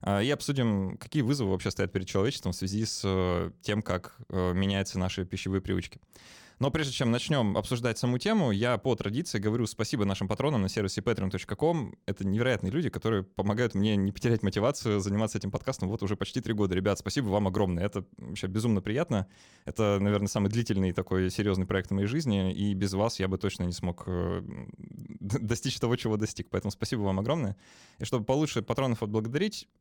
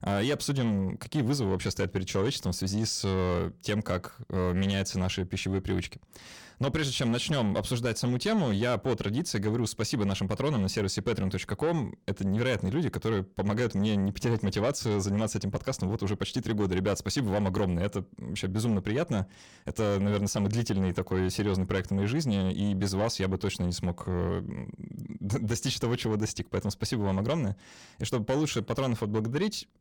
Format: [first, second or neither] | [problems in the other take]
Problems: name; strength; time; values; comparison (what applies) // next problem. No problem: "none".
first | distortion; slight; 10 dB below the speech